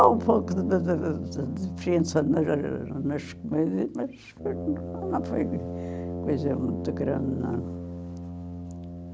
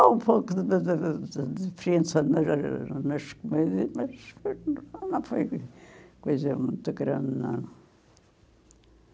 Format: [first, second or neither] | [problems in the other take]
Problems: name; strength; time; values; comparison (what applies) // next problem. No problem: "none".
second | background sound (Brass instrument); 7 dB below the speech